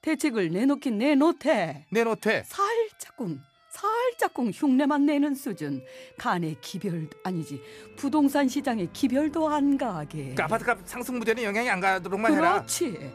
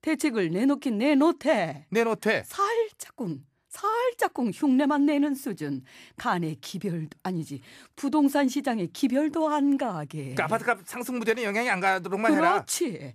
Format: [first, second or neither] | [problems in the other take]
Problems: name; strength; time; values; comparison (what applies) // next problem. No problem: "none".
second | background music; faint; throughout; 25 dB below the speech